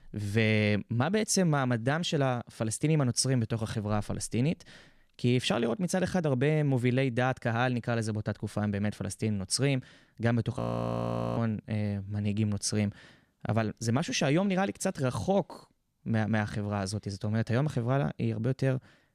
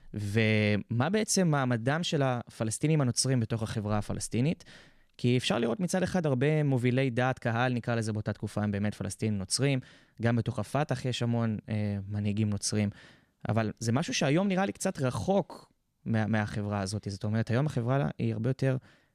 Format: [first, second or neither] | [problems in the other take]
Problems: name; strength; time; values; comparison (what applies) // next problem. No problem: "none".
second | audio freezing; at 11 s for 1 s